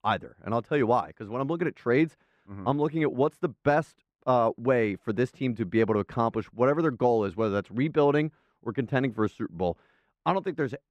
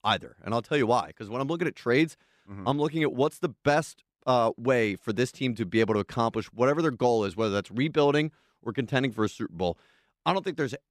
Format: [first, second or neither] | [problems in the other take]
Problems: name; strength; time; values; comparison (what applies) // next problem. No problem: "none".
second | muffled; slightly; fading above 3 kHz